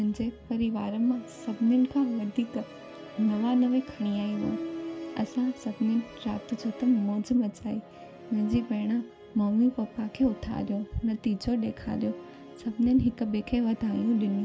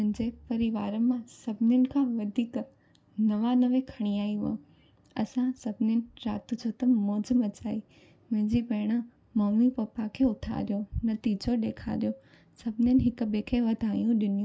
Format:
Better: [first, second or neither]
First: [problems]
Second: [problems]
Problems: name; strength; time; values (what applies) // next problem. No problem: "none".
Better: second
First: background sound (Musical instrument); 15 dB below the speech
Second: none